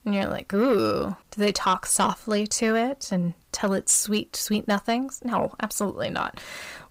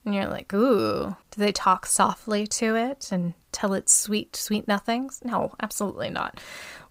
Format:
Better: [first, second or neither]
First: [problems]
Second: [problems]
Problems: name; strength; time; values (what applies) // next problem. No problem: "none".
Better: second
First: distortion; slight; 10 dB below the speech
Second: none